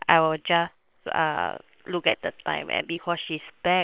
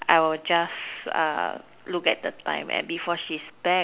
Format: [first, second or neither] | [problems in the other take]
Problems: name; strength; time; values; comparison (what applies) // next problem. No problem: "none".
second | noise reduction (neural separator model SepFormer WHAM!)